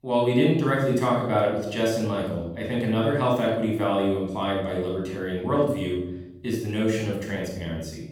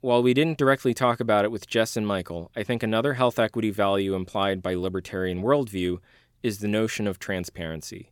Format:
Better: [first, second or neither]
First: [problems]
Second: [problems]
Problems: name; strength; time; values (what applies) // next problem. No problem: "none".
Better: second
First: off-mic speech; far // room echo; noticeable; dies away in 0.8 s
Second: none